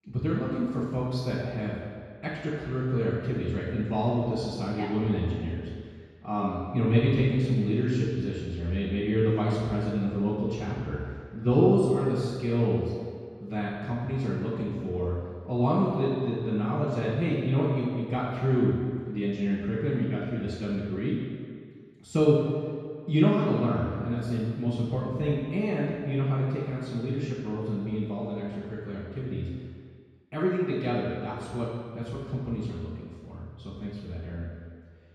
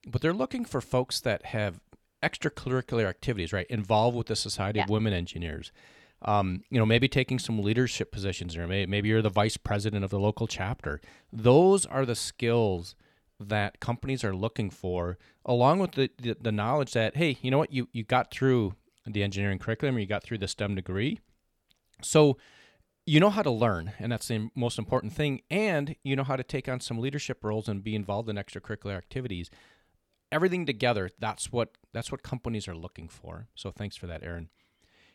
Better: second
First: room echo; strong; dies away in 2 s // off-mic speech; far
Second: none

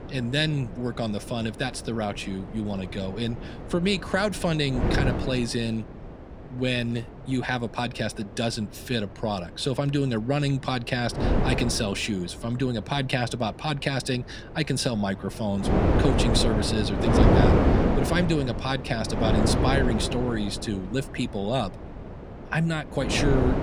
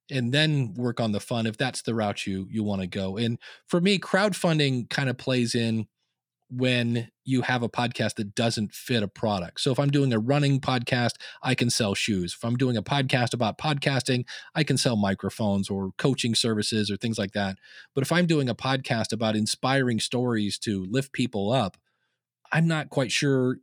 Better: second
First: wind noise on the microphone; heavy; as loud as the speech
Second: none

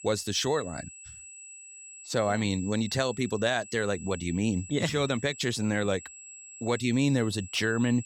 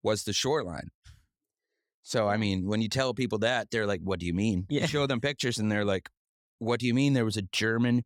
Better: second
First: high-pitched whine; noticeable; throughout; 7.5 kHz, 15 dB below the speech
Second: none

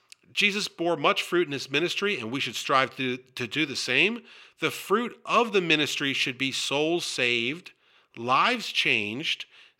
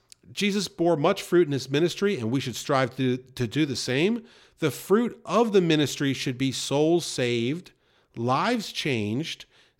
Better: second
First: thin; somewhat; fading below 600 Hz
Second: none

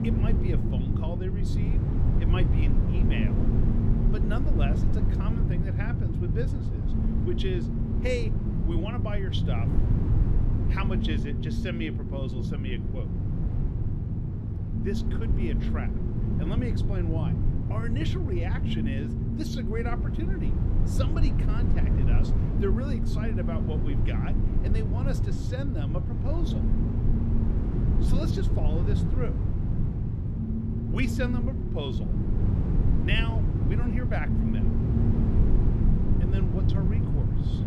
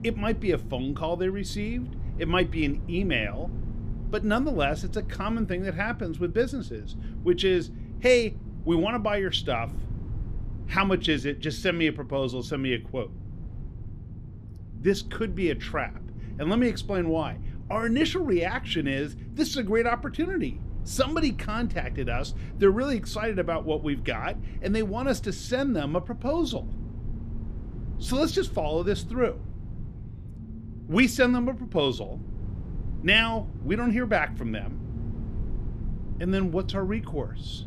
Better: second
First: low rumble; loud; throughout; 1 dB below the speech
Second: low rumble; faint; throughout; 20 dB below the speech

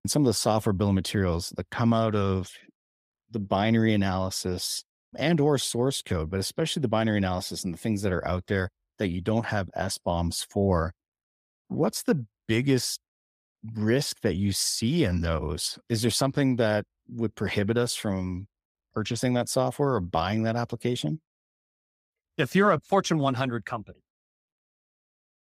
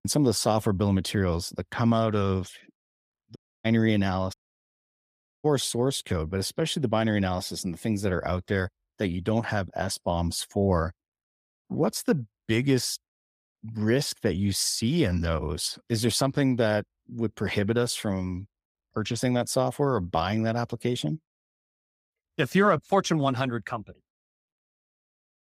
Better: first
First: none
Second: audio cutting out; at 3.5 s and at 4.5 s for 1 s

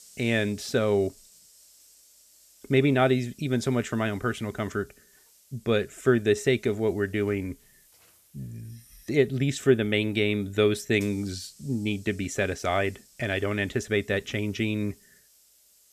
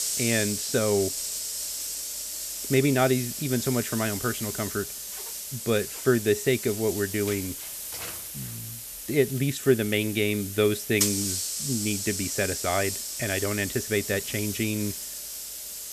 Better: first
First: hiss; faint; throughout; 30 dB below the speech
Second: hiss; loud; throughout; 4 dB below the speech

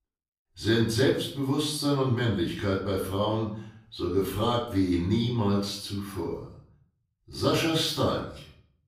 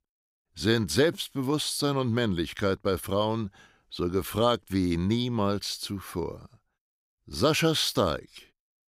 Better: second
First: room echo; slight; dies away in 0.5 s // off-mic speech; far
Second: none

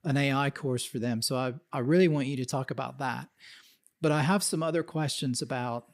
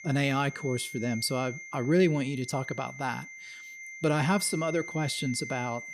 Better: first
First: none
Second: high-pitched whine; noticeable; throughout; 2 kHz, 10 dB below the speech

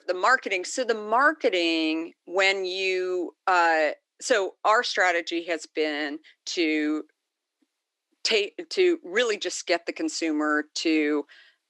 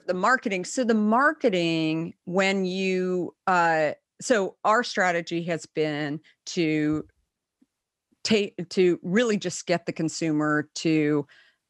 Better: second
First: thin; somewhat; fading below 300 Hz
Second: none

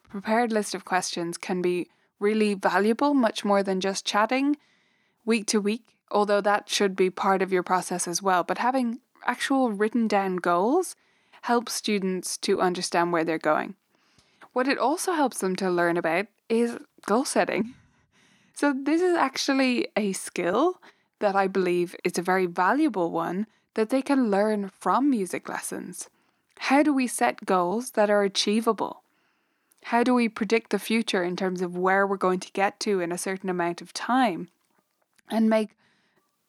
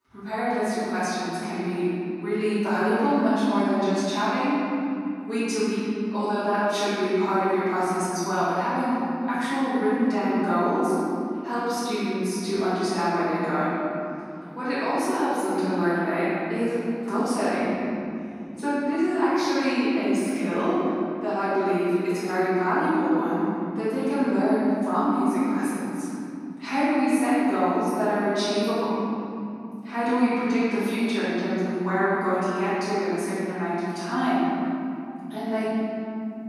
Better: first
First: none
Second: room echo; strong; dies away in 3 s // off-mic speech; far

